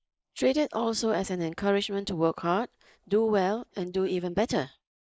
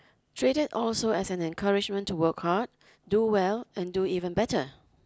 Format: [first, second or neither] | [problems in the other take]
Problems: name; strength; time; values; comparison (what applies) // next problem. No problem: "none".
second | noise reduction (neural mask model Resemble Enhance denoiser)